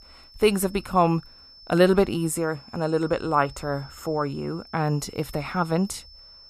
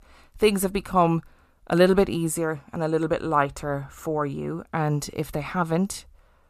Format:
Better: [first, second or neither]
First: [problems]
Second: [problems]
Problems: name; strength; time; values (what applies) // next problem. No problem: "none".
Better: second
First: high-pitched whine; faint; throughout; 5.5 kHz, 20 dB below the speech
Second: none